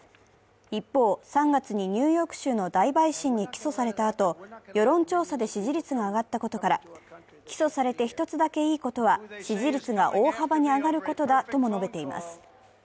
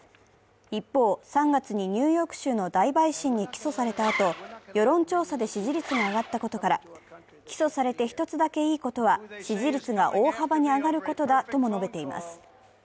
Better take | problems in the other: first | background sound (Zipper (clothing)); 11 dB below the speech

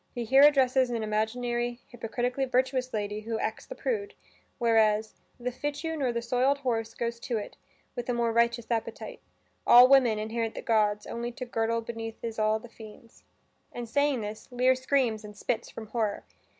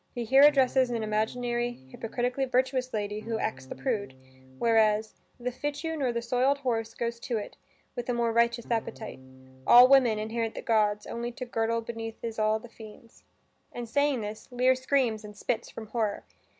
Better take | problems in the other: first | background sound (Electric guitar / Strum); 20 dB below the speech

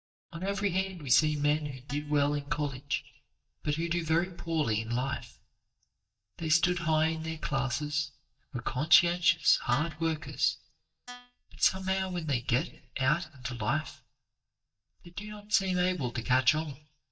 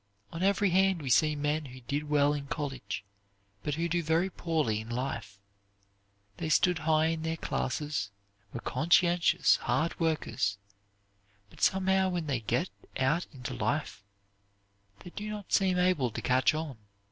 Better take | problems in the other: second | noise reduction (neural mask model DeepFilterNet 3)

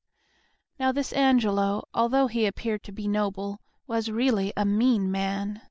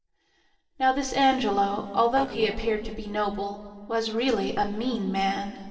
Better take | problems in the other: first | noise reduction (neural separator model SepFormer DNS4)

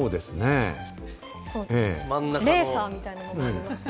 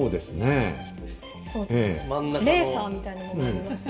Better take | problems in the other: first | room echo; dies away in 0.7 s

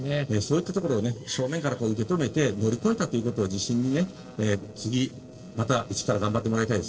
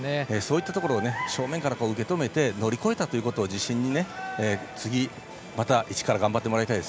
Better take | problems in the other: second | noise reduction (neural separator model SepFormer DNS4)

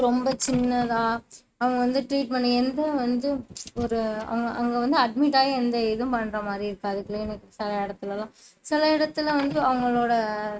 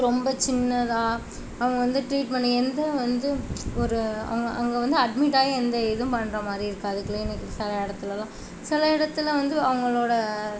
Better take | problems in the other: second | noise reduction (neural mask model RNNoise)

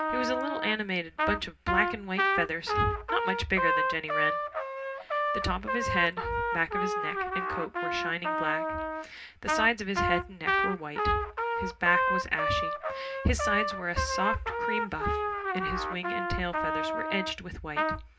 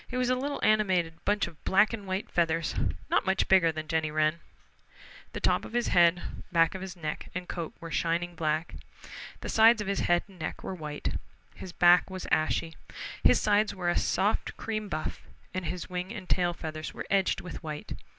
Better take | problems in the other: second | background sound (Trumpet); 2 dB above the speech // room echo; dies away in 0.3 s

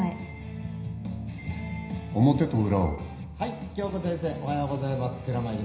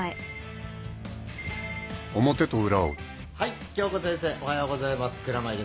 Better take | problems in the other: second | room echo; dies away in 0.9 s

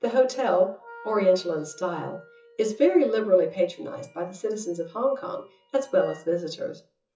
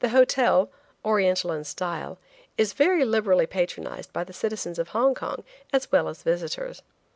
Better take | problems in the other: second | noise reduction (classical method WPE with log-MMSE)

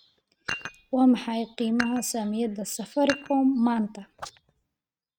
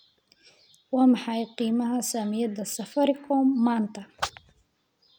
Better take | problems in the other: second | noise reduction (neural mask model RNNoise)

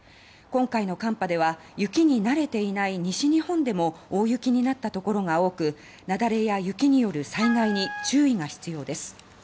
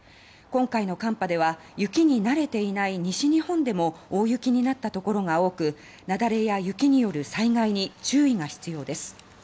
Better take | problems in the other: second | background sound (Wind instrument, woodwind instrument); 10 dB below the speech

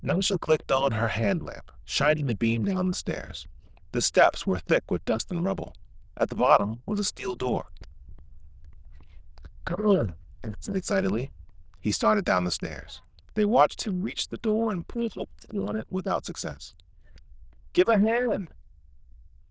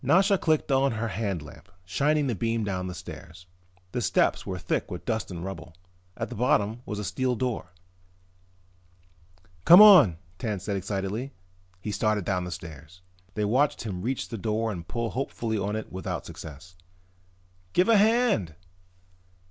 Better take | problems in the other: second | noise reduction (neural diffusion model UNIVERSE++)

